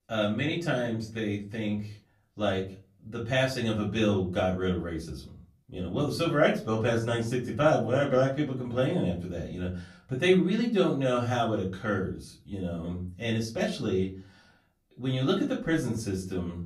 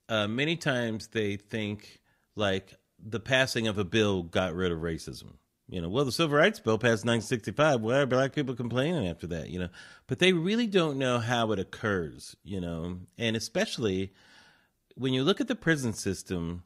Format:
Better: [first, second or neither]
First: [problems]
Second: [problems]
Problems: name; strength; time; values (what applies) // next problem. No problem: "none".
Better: second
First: off-mic speech; far // room echo; slight; dies away in 0.4 s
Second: none